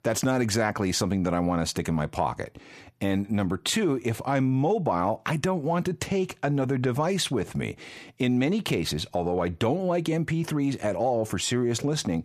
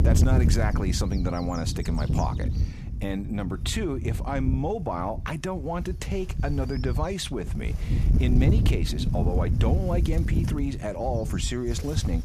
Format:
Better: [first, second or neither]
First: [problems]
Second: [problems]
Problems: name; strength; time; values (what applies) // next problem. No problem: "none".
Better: first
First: none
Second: wind noise on the microphone; heavy; 8 dB below the speech